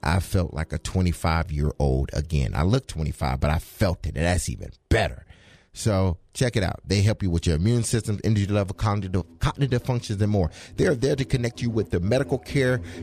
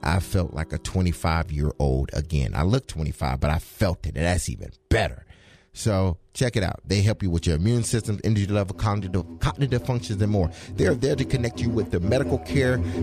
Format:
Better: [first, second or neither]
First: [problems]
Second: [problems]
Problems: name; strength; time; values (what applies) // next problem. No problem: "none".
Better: first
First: background music; faint; throughout; 20 dB below the speech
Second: background music; loud; throughout; 10 dB below the speech